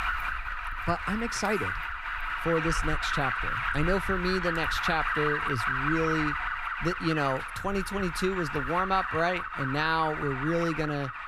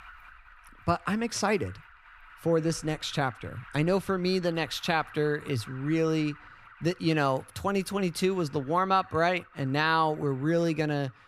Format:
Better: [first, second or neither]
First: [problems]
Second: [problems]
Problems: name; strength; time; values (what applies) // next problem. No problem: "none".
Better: second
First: alarms or sirens; loud; throughout; 1 dB below the speech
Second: alarms or sirens; faint; throughout; 20 dB below the speech